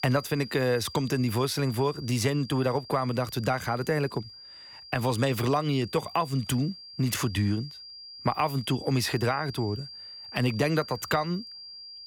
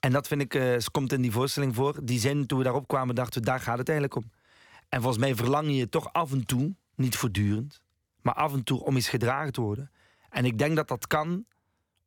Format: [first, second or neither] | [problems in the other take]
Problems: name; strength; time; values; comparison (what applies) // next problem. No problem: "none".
second | high-pitched whine; noticeable; throughout; 4.5 kHz, 15 dB below the speech